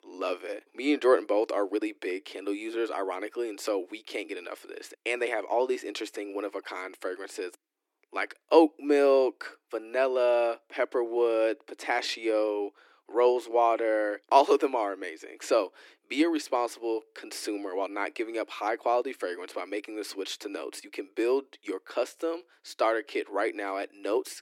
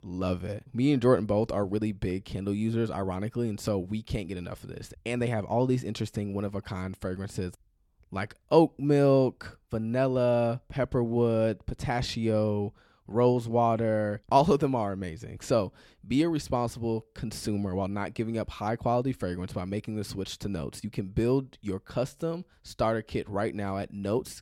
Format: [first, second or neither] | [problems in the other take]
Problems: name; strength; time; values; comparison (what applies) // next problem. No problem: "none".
second | thin; somewhat; fading below 300 Hz